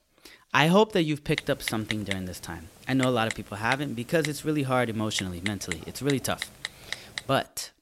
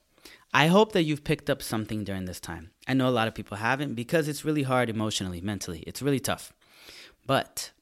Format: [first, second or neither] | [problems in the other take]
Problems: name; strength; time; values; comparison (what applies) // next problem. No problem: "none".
second | keyboard typing; noticeable; from 1.5 to 7 s; peak 6 dB below the speech